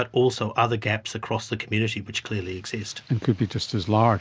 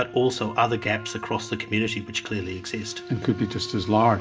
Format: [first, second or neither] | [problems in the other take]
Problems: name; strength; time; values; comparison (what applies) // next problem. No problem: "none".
first | background sound (Wind instrument, woodwind instrument); 16 dB below the speech // room echo; dies away in 0.5 s